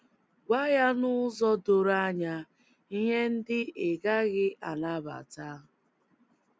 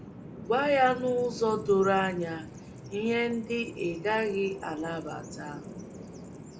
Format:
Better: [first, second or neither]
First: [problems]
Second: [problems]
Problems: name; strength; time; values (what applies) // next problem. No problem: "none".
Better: first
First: none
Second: background sound (Bird vocalization, bird call, bird song); 13 dB below the speech // room echo; dies away in 0.3 s